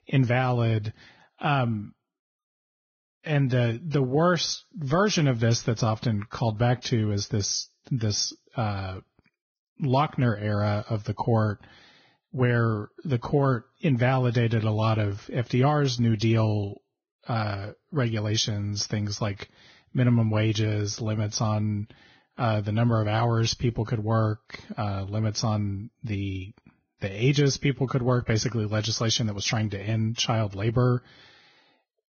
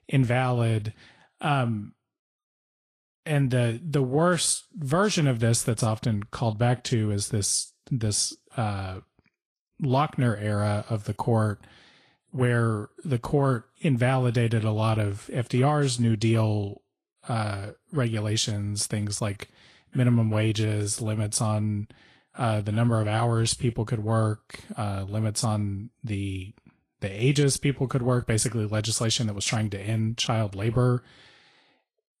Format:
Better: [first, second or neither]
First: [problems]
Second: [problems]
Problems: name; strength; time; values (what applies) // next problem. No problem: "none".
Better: second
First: garbled, watery; badly; nothing above 6.5 kHz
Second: garbled, watery; slightly